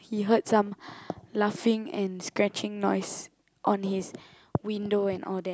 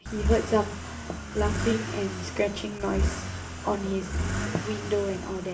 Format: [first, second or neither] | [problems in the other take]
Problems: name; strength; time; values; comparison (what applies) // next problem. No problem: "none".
first | background sound (Accelerating, revving, vroom / Car); 2 dB below the speech // room echo; dies away in 0.3 s